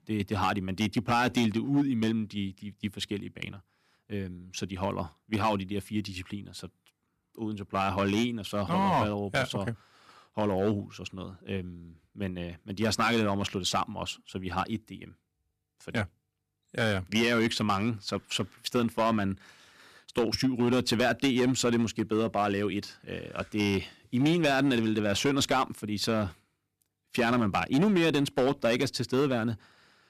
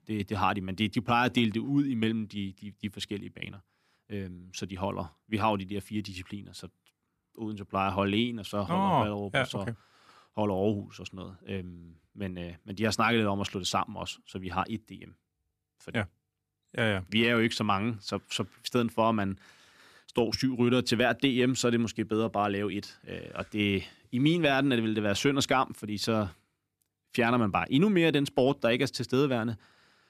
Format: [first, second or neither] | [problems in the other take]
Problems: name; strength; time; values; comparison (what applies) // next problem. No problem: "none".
second | distortion; slight; 4% of the sound clipped